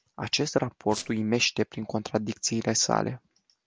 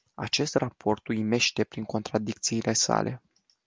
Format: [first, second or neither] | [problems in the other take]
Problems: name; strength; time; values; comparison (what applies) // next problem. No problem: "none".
second | background sound (Squeak); 12 dB below the speech